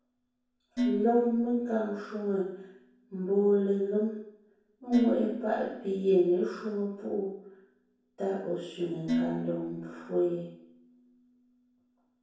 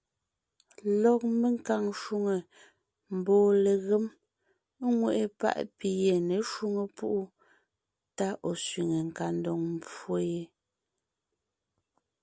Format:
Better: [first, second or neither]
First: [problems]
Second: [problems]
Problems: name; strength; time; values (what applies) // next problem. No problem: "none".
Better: second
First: background sound (Dishes, pots, and pans); 8 dB below the speech // room echo; dies away in 0.7 s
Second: none